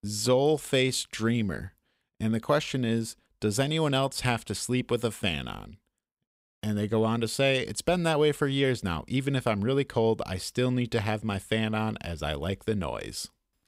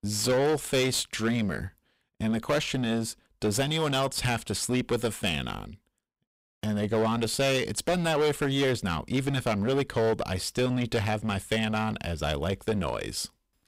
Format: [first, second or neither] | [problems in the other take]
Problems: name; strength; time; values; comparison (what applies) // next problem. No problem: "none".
first | distortion; heavy; 14% of the sound clipped